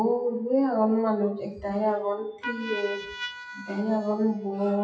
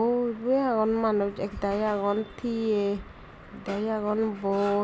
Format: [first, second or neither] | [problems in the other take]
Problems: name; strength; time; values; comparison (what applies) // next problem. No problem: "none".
second | noise reduction (classical method WPE with log-MMSE)